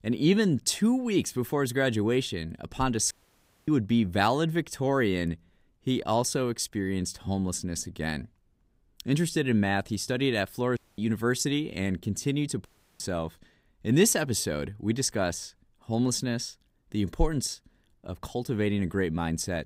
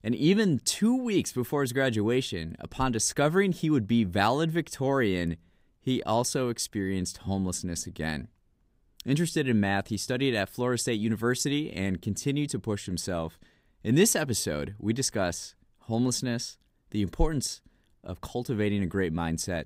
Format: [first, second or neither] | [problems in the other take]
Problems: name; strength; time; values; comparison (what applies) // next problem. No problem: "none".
second | audio cutting out; at 3 s for 0.5 s, at 11 s and at 13 s